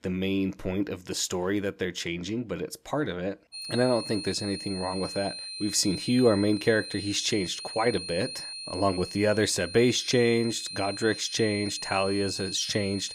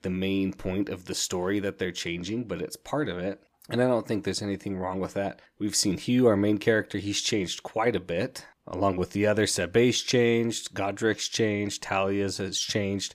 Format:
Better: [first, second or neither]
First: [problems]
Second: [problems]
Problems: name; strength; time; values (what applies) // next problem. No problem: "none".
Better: second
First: high-pitched whine; loud; from 3.5 s on; 4 kHz, 8 dB below the speech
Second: none